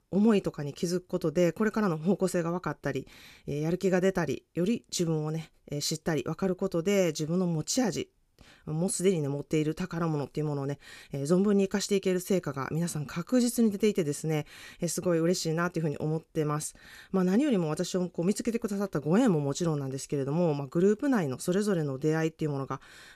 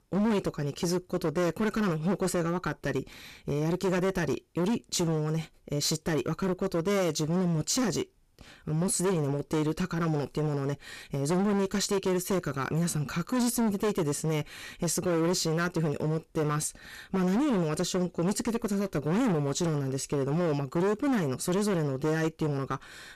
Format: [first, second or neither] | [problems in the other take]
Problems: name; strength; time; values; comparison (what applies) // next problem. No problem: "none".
first | distortion; heavy; 19% of the sound clipped